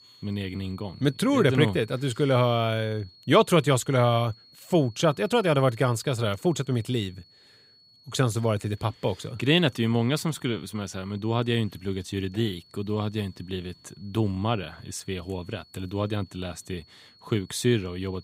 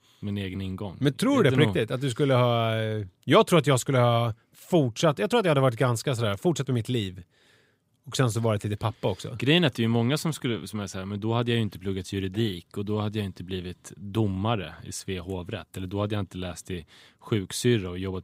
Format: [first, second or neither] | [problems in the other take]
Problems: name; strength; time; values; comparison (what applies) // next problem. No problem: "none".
second | high-pitched whine; faint; throughout; 4.5 kHz, 25 dB below the speech